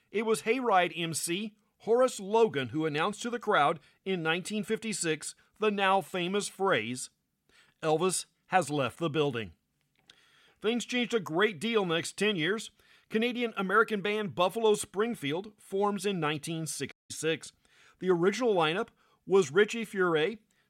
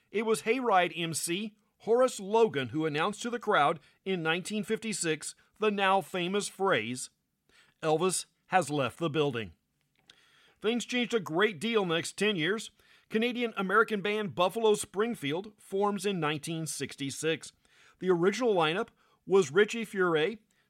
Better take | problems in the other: second | audio cutting out; at 17 s

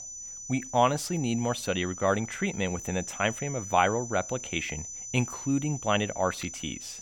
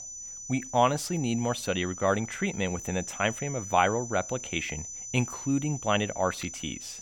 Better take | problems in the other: neither | high-pitched whine; loud; throughout; 6 kHz, 9 dB below the speech; the same in both

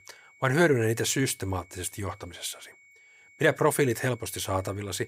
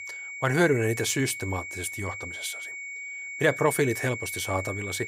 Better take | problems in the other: first | high-pitched whine; loud; throughout; 2 kHz, 8 dB below the speech; faint in the first

